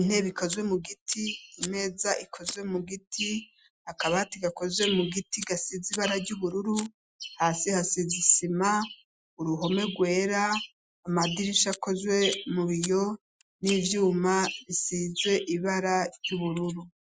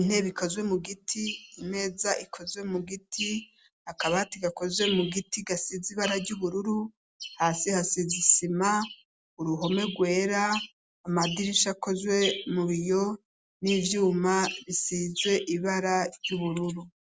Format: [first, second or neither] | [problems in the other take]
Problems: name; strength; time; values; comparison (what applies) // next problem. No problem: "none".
second | noise reduction (classical method Wiener filter)